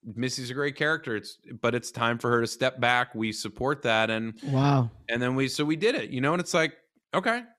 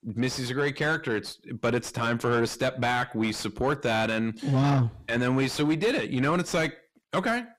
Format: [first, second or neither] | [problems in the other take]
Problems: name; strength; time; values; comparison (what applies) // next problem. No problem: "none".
first | distortion; heavy; 7 dB below the speech